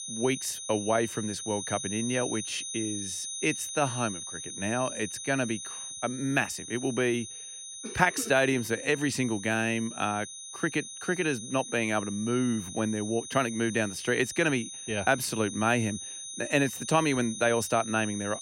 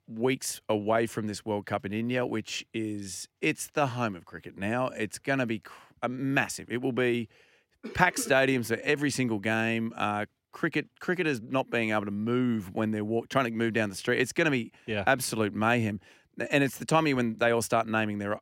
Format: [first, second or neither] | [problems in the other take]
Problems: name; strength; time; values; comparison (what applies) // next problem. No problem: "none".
second | high-pitched whine; loud; throughout; 6 kHz, 8 dB below the speech